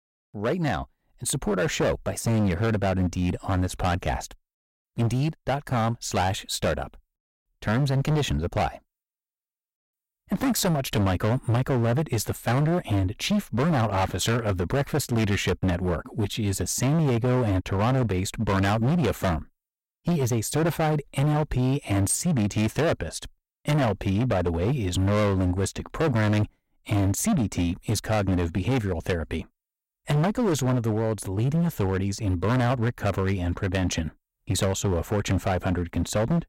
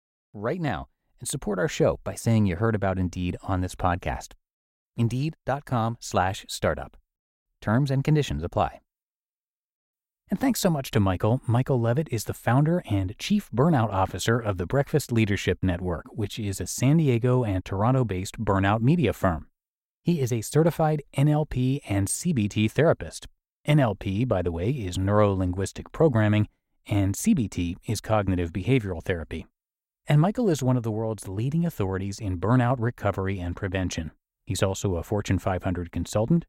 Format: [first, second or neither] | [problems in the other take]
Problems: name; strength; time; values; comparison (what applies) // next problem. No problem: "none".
second | distortion; heavy; 18% of the sound clipped